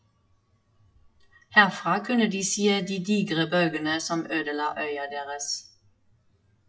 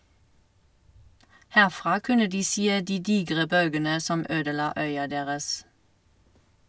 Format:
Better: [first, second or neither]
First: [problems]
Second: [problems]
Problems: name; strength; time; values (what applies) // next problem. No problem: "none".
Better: second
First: noise reduction (classical method WPE with log-MMSE)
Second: none